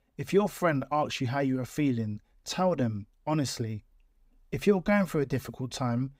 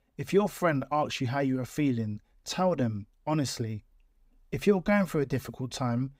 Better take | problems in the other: neither | none

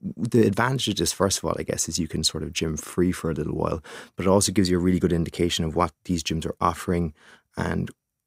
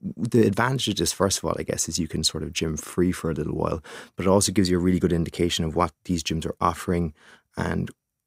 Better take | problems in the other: neither | none

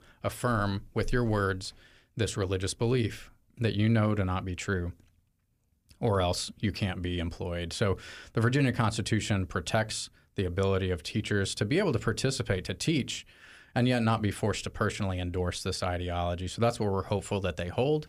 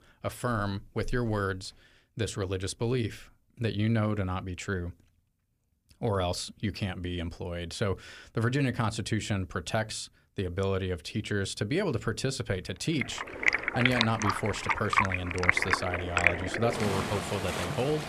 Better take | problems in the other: first | rain or running water; very loud; from 13 s on; 3 dB above the speech

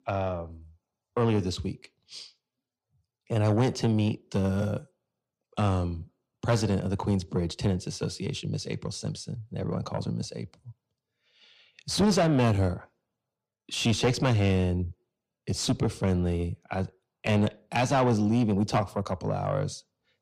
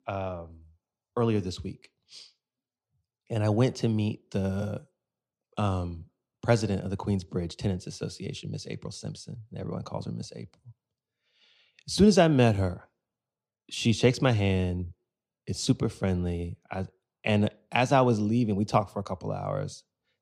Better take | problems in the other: second | distortion; heavy; 8 dB below the speech

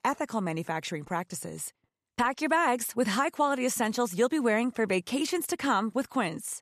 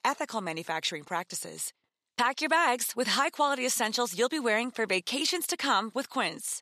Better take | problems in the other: first | thin; very slightly; fading below 500 Hz

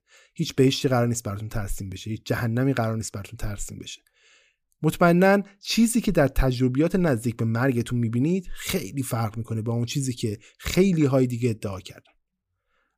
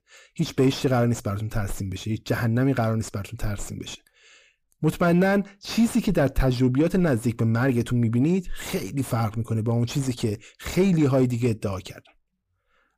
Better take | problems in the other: first | distortion; slight; 10 dB below the speech

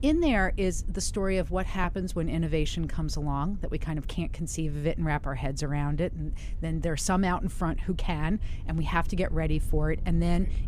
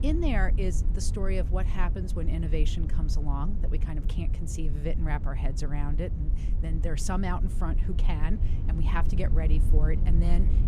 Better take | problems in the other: first | low rumble; loud; throughout; 9 dB below the speech; faint in the first

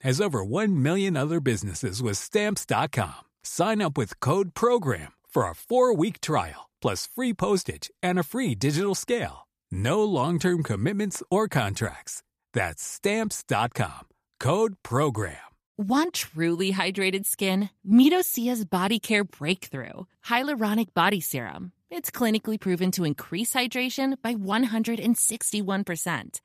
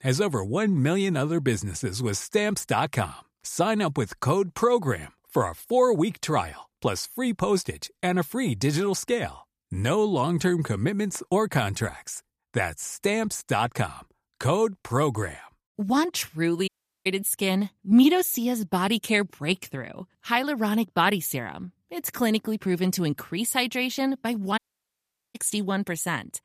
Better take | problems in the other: first | audio cutting out; at 17 s and at 25 s for 1 s

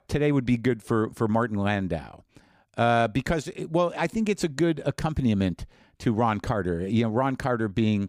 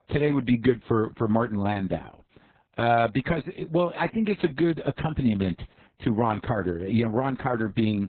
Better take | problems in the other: first | garbled, watery; badly; nothing above 4 kHz

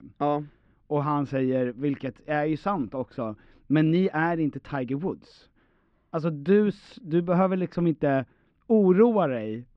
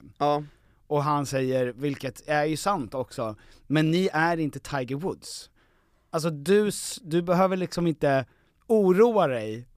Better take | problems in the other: second | muffled; very; fading above 3 kHz

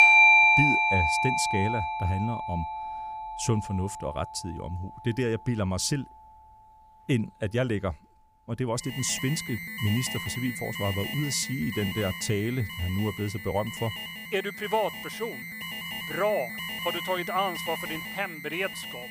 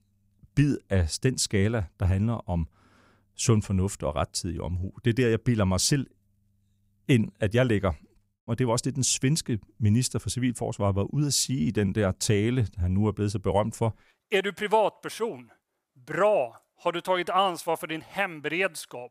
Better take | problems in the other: second | alarms or sirens; very loud; throughout; 3 dB above the speech

